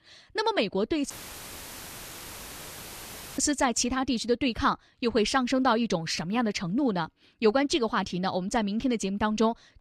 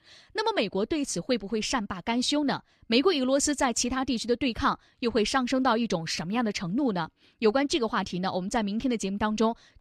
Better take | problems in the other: second | audio cutting out; filled with static; at 1 s for 2.5 s

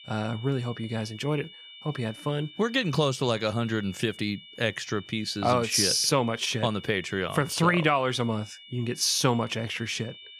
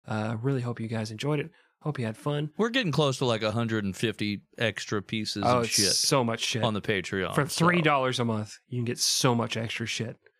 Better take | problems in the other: second | high-pitched whine; noticeable; throughout; 3 kHz, 20 dB below the speech

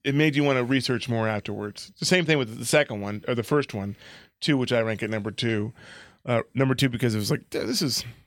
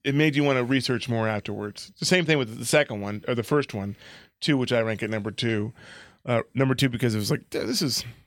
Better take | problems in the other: neither | none

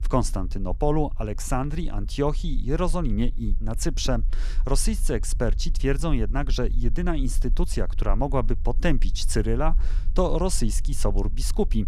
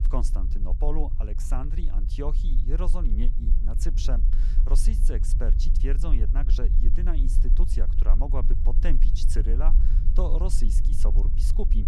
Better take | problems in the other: first | low rumble; loud; throughout; 9 dB below the speech; faint in the first

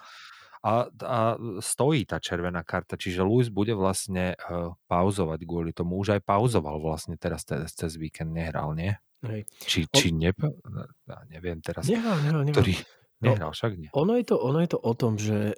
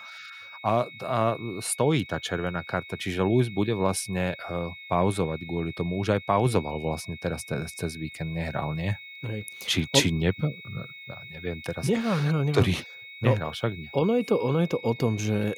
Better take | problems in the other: first | high-pitched whine; noticeable; throughout; 2 kHz, 15 dB below the speech

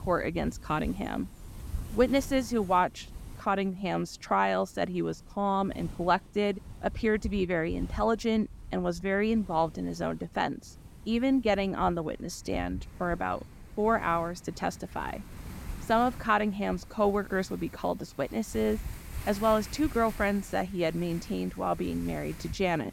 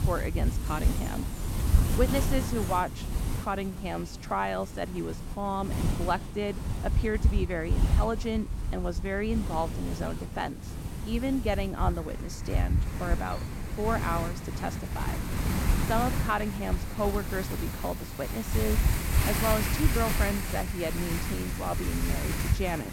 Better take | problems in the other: first | wind noise on the microphone; heavy; 5 dB below the speech; occasional gusts in the first

